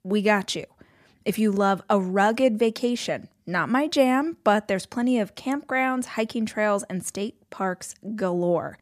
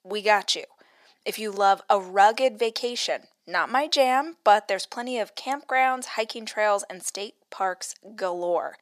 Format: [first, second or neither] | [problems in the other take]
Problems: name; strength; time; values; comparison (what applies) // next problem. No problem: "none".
first | thin; very; fading below 550 Hz